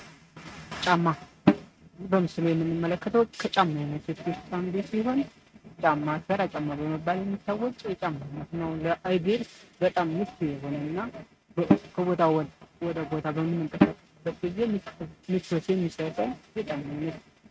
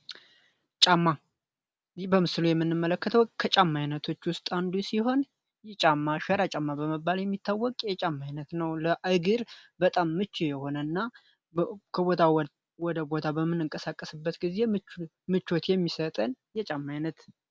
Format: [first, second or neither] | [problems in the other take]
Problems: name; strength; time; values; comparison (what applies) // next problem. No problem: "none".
second | noise reduction (neural mask model RNNoise)